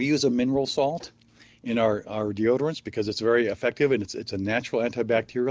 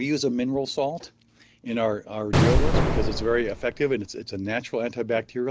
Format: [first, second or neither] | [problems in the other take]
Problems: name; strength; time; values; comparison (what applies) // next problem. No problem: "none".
first | background sound (Explosion); 2 dB above the speech